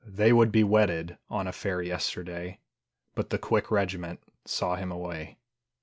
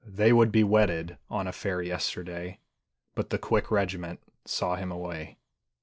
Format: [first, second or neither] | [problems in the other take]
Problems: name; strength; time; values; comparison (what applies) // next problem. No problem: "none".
first | noise reduction (neural separator model SepFormer DNS4)